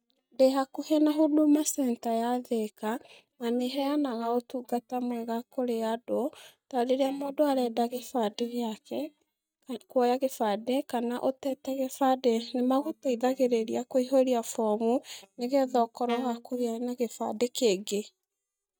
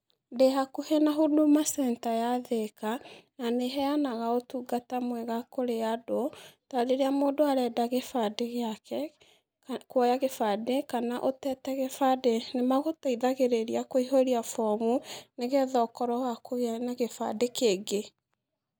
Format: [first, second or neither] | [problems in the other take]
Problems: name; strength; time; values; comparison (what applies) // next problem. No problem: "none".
second | noise reduction (neural mask model DeepFilterNet 3)